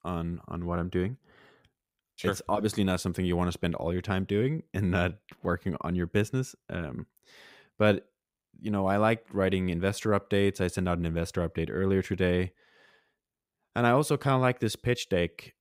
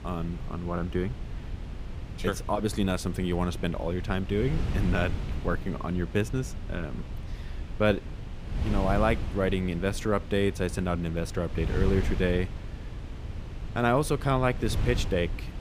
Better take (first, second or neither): first